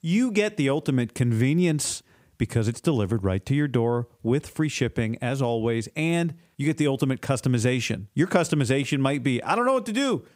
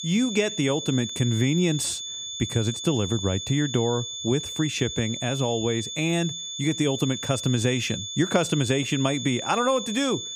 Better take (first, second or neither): first